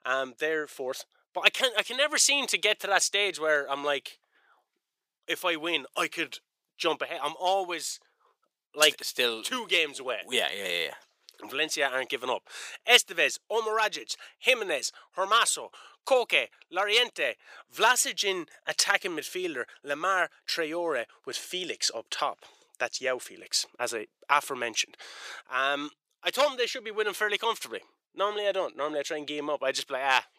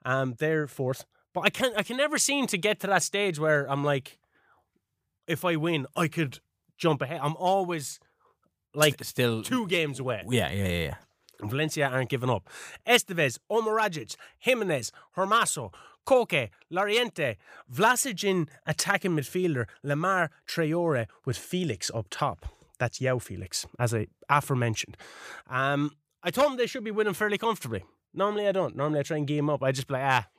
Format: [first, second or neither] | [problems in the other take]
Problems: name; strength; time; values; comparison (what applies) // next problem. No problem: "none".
second | thin; very; fading below 350 Hz